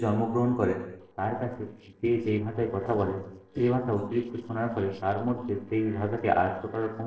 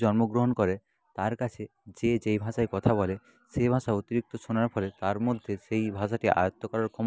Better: second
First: noise reduction (neural separator model SepFormer DNS4)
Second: none

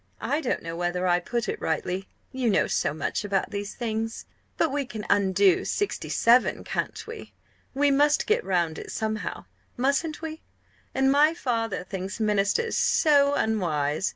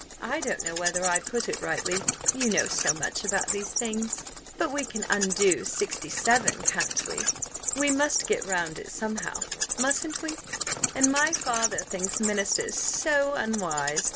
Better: first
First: none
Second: background sound (Wild animals); 2 dB below the speech

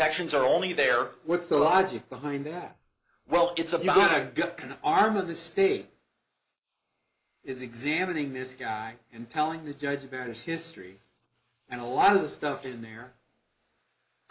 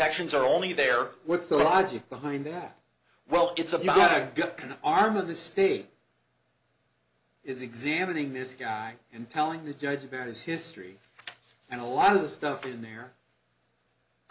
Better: second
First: noise reduction (neural mask model Resemble Enhance denoiser)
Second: none

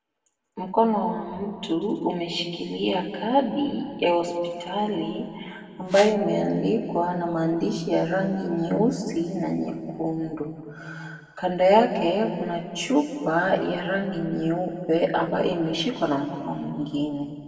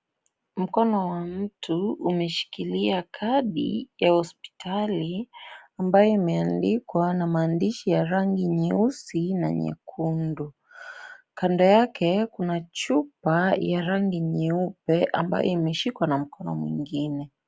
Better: second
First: background sound (Whoosh, swoosh, swish); 11 dB below the speech // room echo; dies away in 1.8 s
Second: none

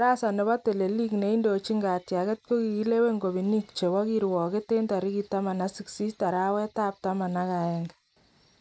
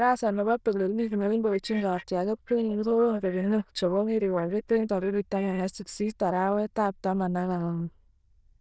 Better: first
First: none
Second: noise reduction (neural diffusion model UNIVERSE++)

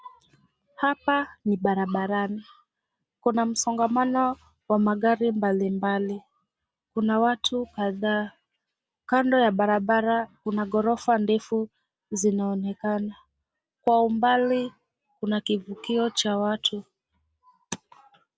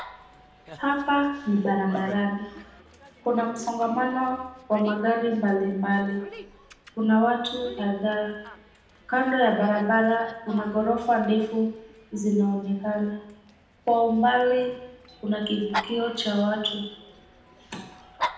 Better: first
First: none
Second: background sound (Dog); 16 dB below the speech // room echo; dies away in 0.8 s

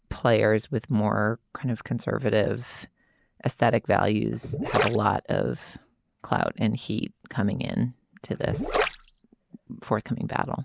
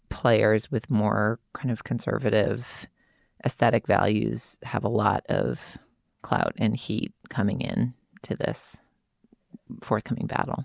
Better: second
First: noise reduction (neural mask model Resemble Enhance denoiser)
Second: none

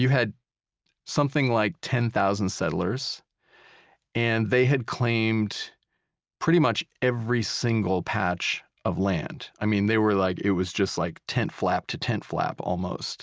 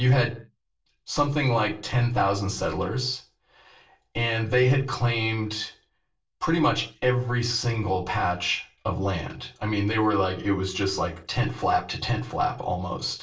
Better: first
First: none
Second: room echo; dies away in 0.3 s

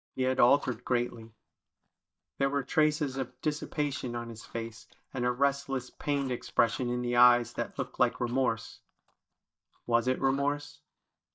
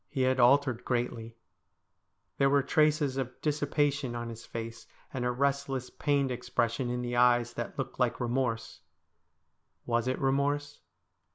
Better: second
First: noise reduction (neural mask model DeepFilterNet 3)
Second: none

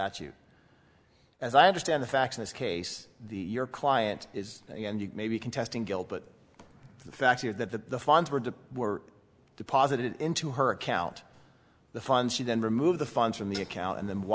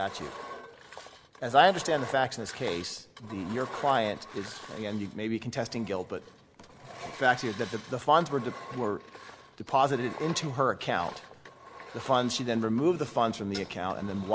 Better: first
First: none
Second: background sound (Engine); 15 dB below the speech

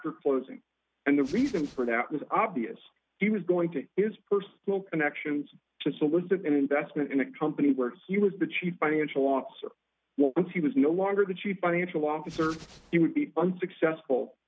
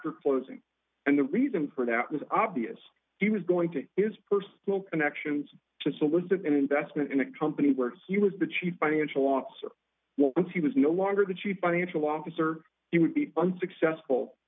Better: second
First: background sound (Hands); 19 dB below the speech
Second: none

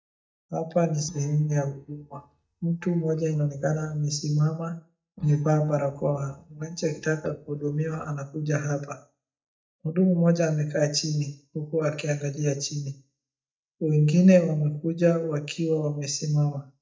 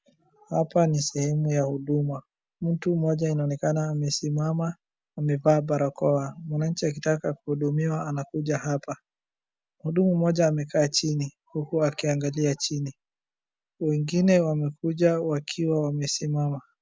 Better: second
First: noise reduction (neural mask model DeepFilterNet 3)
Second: none

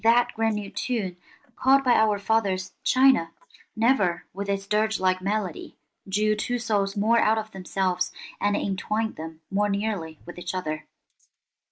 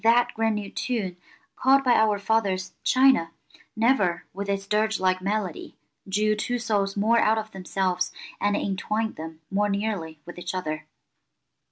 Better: second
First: noise reduction (neural mask model Resemble Enhance denoiser)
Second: none

